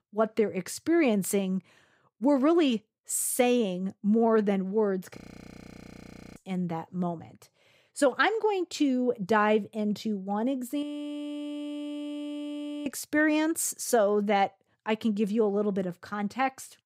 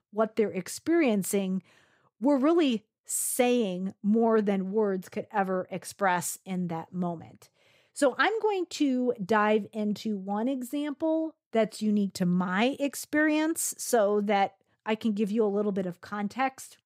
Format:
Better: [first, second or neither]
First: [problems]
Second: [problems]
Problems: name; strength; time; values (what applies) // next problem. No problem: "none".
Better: second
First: audio freezing; at 5 s for 1 s and at 11 s for 2 s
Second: none